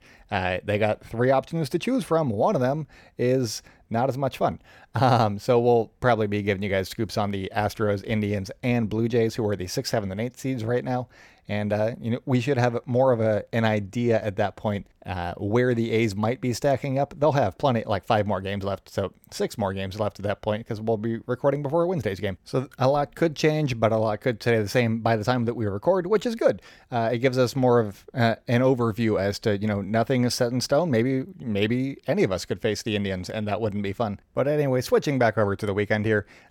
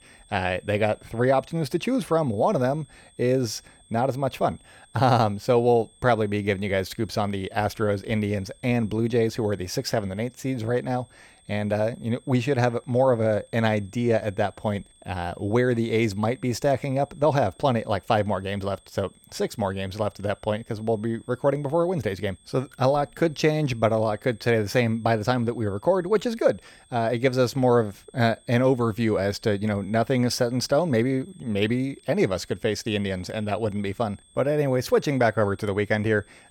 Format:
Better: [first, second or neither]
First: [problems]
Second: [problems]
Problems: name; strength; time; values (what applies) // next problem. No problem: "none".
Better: first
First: none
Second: high-pitched whine; faint; throughout; 8.5 kHz, 30 dB below the speech